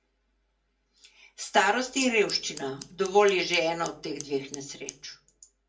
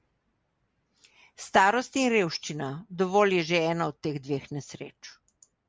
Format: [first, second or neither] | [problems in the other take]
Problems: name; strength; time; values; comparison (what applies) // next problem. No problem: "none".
second | background sound (Scissors); 18 dB below the speech // room echo; dies away in 0.2 s